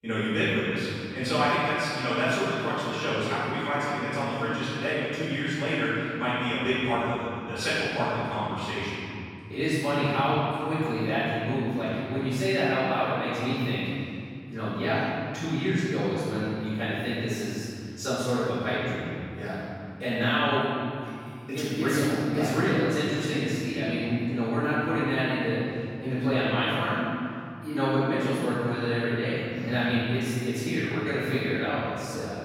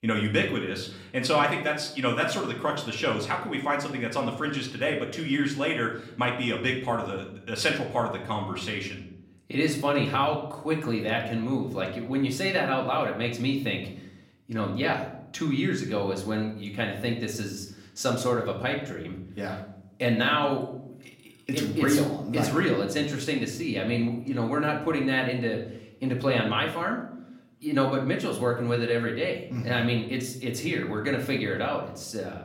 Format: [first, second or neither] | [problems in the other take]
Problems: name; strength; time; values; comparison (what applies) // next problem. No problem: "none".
second | room echo; strong; dies away in 2.7 s; slight in the second // off-mic speech; far; somewhat distant in the second